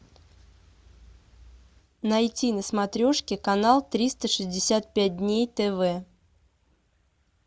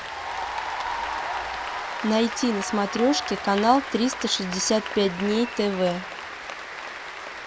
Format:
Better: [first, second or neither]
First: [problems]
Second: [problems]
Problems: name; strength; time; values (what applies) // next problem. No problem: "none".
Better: first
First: none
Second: background sound (Applause / Cheering); 6 dB below the speech